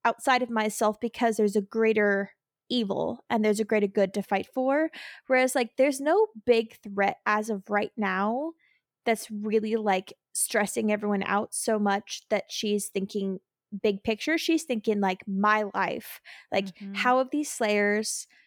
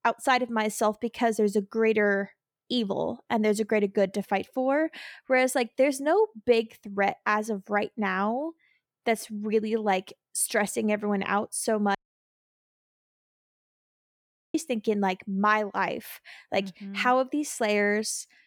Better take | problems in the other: first | audio cutting out; at 12 s for 2.5 s

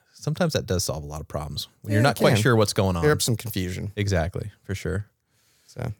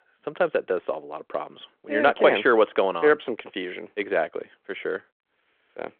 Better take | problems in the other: first | phone-call audio

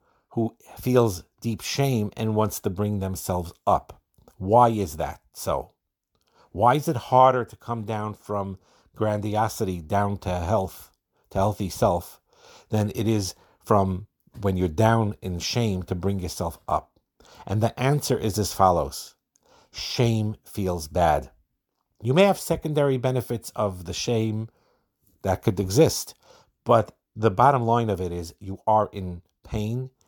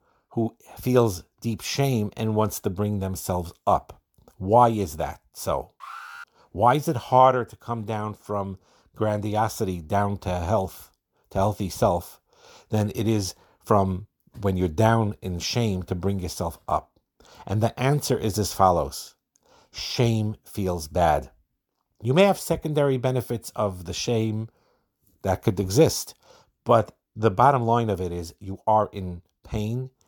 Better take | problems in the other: first | alarm; faint; at 6 s; peak 15 dB below the speech

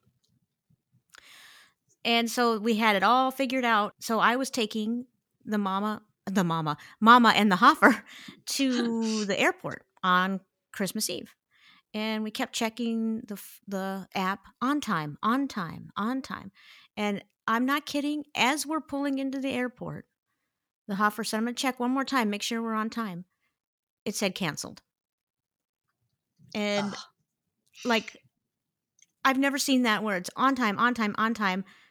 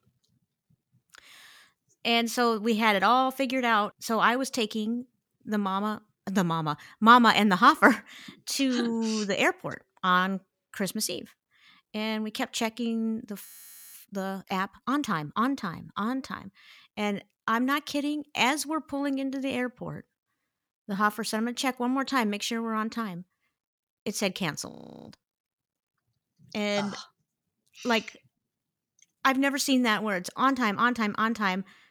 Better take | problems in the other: first | audio freezing; at 13 s and at 25 s

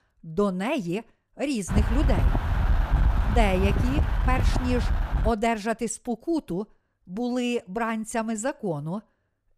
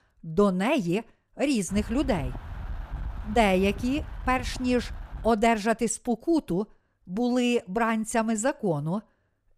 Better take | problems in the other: second | wind noise on the microphone; heavy; from 1.5 to 5.5 s; 5 dB below the speech; occasional gusts in the second

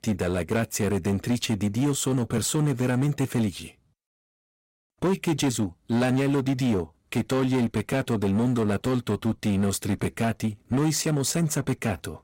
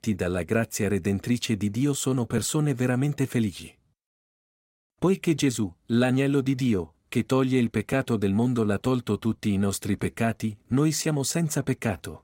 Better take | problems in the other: second | distortion; slight; 13% of the sound clipped

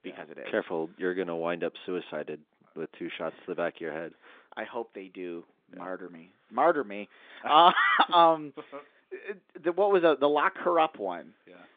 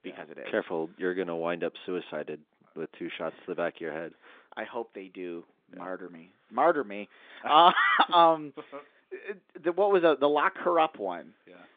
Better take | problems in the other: neither | phone-call audio; the same in both

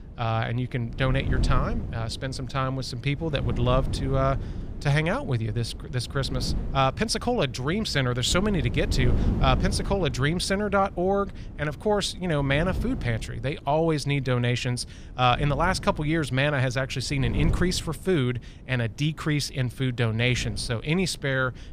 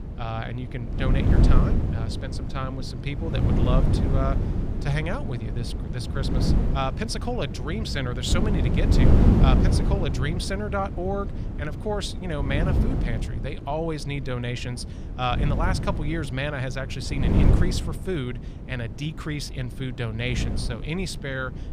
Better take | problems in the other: first | wind noise on the microphone; heavy; 3 dB below the speech; occasional gusts in the first

